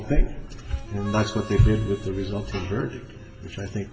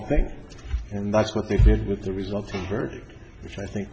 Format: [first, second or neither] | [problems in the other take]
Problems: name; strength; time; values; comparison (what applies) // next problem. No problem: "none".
second | background sound (Harmonica); 19 dB below the speech // room echo; dies away in 1.3 s